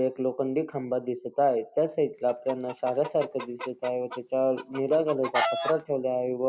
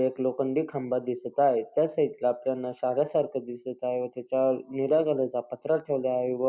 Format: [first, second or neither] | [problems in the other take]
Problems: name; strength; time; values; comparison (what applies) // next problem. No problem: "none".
second | background sound (Chicken, rooster); 8 dB below the speech